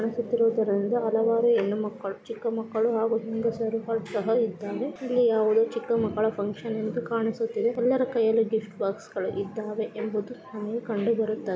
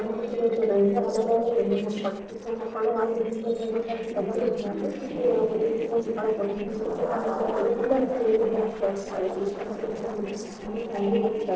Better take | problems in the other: first | noise reduction (neural separator model SepFormer DNS4)

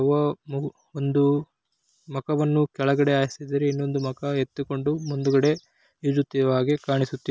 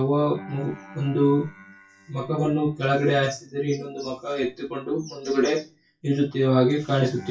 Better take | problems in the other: first | noise reduction (classical method WPE with log-MMSE)

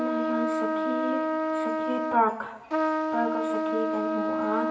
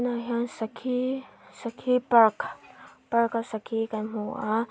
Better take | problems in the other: second | background sound (Trumpet); 3 dB above the speech // room echo; dies away in 0.9 s

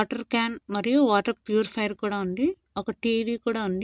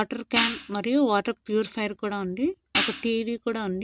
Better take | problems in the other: first | background sound (Hi-hat); 4 dB below the speech

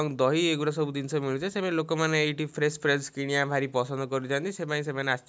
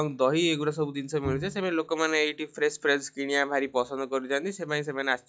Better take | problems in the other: first | noise reduction (classical method log-MMSE)

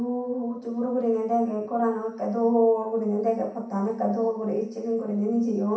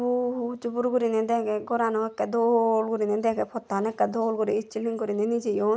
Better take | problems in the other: second | room echo; dies away in 0.6 s

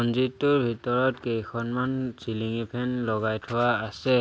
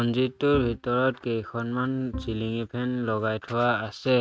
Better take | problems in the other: first | noise reduction (neural mask model RNNoise)

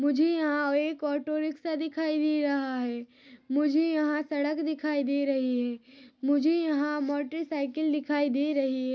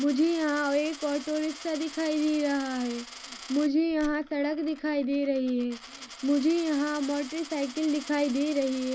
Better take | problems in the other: first | background sound (Coin (dropping)); 16 dB below the speech

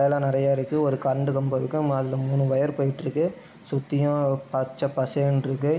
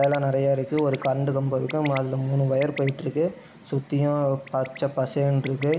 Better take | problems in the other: first | background sound (Bird); 19 dB below the speech

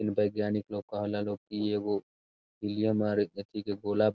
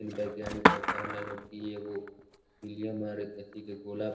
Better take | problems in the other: first | background sound (Skateboard); 5 dB above the speech // room echo; dies away in 1.4 s

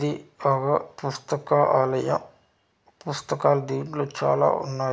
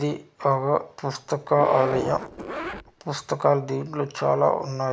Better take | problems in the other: first | background sound (Zipper (clothing)); 8 dB below the speech

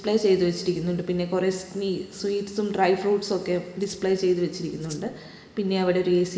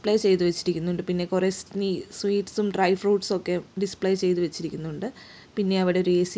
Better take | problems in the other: second | background sound (Rattle (instrument)); 19 dB below the speech // room echo; dies away in 1.7 s

